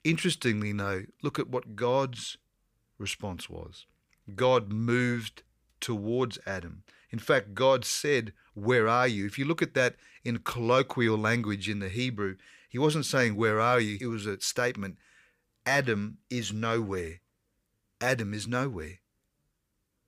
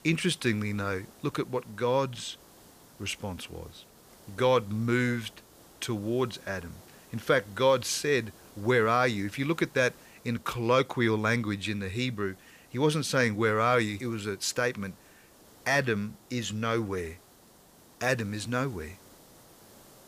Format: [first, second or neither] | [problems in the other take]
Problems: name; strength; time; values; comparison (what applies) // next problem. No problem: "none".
first | hiss; faint; throughout; 25 dB below the speech